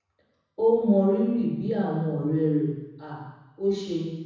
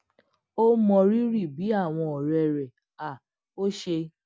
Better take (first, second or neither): second